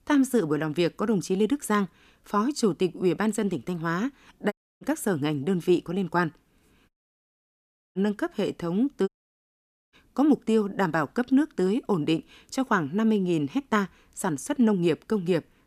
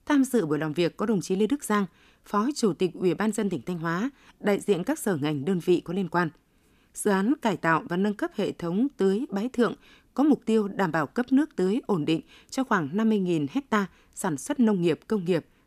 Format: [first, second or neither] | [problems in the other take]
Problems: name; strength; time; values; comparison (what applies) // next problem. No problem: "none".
second | audio cutting out; at 4.5 s, at 7 s for 1 s and at 9 s for 1 s